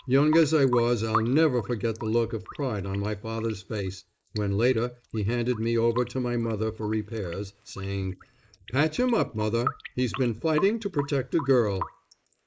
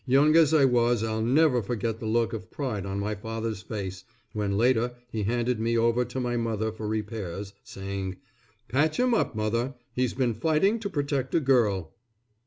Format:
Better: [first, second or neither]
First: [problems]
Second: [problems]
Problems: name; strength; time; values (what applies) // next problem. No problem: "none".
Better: second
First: noise reduction (neural mask model Resemble Enhance denoiser)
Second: none